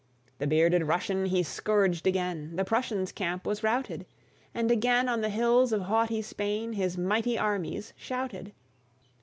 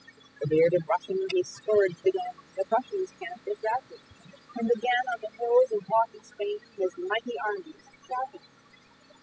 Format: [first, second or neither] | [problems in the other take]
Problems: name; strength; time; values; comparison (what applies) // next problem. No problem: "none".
first | noise reduction (classical method spectral subtraction)